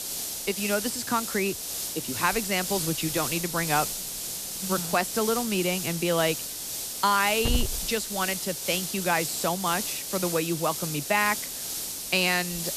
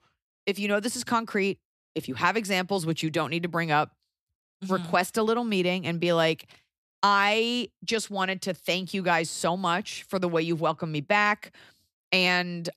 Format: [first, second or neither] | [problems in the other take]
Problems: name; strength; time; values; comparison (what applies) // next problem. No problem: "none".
second | hiss; loud; throughout; 3 dB below the speech